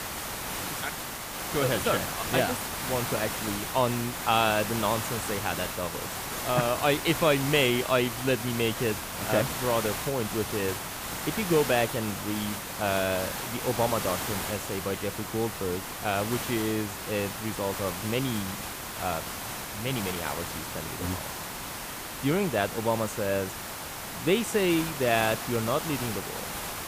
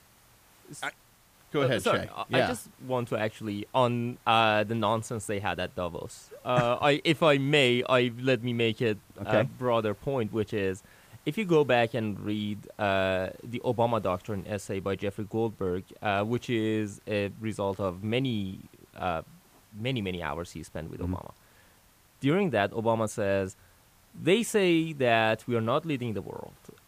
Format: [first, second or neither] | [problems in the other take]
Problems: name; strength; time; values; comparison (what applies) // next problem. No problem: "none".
second | hiss; loud; throughout; 4 dB below the speech; faint in the second